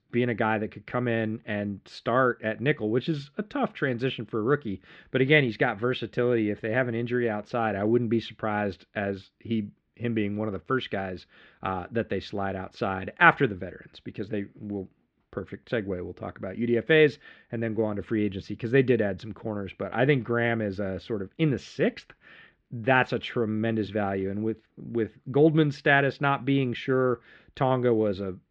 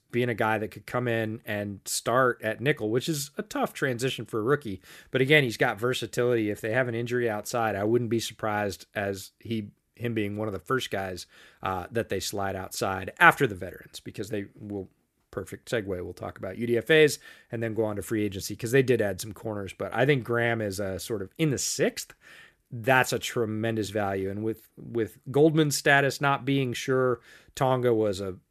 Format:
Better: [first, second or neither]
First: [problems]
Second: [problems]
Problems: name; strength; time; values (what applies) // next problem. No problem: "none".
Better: second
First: muffled; slightly; fading above 3.5 kHz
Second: none